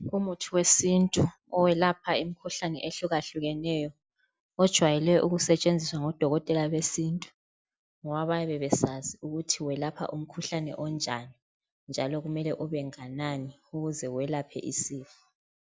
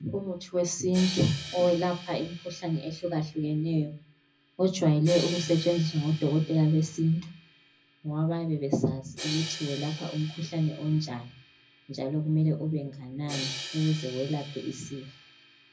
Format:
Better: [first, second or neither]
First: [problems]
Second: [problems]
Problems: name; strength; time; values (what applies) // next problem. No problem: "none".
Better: first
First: none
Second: background sound (Crash cymbal); 14 dB below the speech // room echo; dies away in 0.4 s